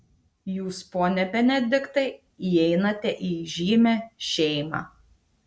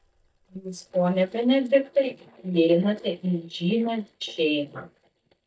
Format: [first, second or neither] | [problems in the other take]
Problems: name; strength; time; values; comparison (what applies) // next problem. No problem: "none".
first | noise reduction (neural mask model DeepFilterNet 3)